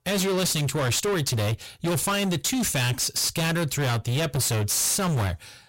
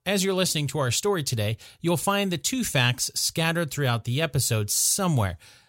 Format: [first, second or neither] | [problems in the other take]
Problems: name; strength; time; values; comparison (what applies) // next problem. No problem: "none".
second | distortion; heavy; 38% of the sound clipped